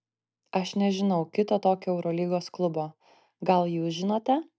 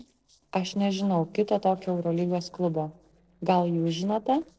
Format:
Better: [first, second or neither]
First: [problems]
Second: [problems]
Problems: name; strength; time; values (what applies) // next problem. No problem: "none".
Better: first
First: none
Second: noise reduction (neural separator model SepFormer DNS4)